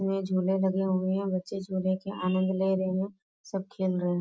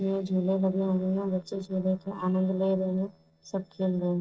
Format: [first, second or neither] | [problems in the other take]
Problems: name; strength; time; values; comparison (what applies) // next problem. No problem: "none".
first | noise reduction (neural separator model SepFormer DNS4)